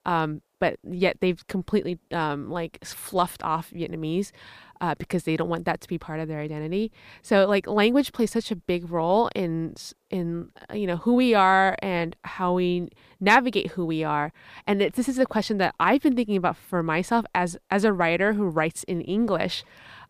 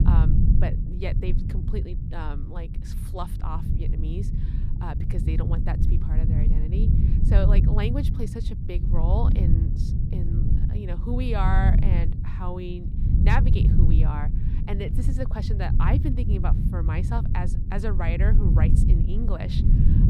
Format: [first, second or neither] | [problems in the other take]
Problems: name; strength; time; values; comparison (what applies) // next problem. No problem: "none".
first | low rumble; loud; throughout; 3 dB below the speech